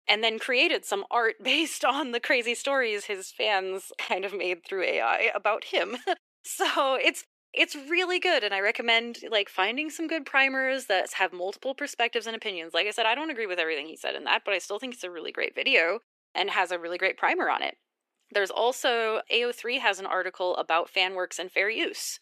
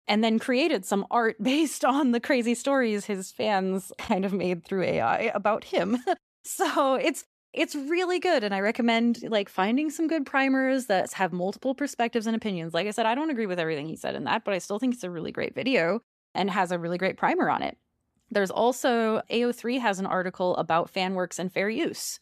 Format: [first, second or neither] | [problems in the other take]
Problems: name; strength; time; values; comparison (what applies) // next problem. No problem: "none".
second | thin; somewhat; fading below 350 Hz